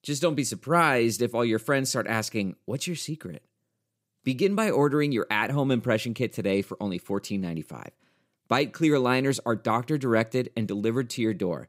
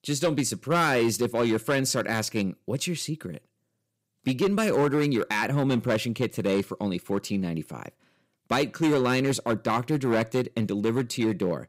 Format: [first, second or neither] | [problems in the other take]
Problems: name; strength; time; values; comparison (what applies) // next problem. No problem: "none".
first | distortion; slight; 6% of the sound clipped